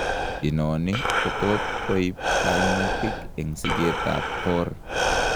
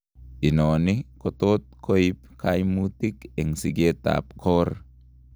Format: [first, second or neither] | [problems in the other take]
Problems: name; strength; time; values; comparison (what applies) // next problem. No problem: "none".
second | background sound (Breathing); 1 dB above the speech